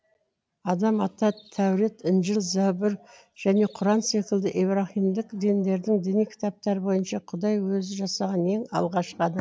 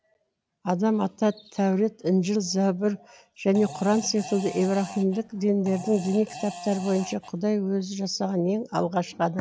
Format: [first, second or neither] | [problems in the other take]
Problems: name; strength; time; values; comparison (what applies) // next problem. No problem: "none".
first | background sound (Fart); 14 dB below the speech